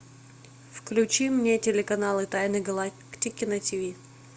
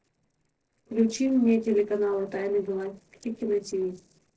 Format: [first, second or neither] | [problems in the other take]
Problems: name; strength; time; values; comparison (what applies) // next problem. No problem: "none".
first | noise reduction (neural separator model SepFormer DNS4)